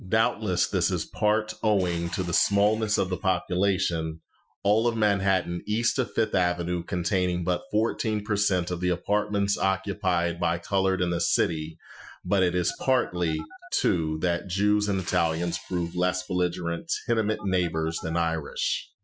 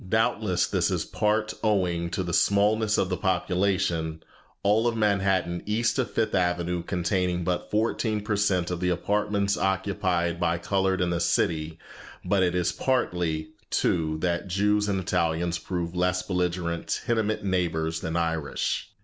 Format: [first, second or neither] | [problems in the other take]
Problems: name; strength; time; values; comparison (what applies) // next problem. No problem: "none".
second | noise reduction (classical method Wiener filter)